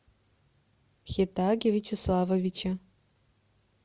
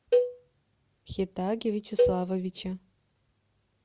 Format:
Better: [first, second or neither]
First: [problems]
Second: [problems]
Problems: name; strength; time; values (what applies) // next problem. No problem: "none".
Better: first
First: none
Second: background sound (Cowbell); 3 dB above the speech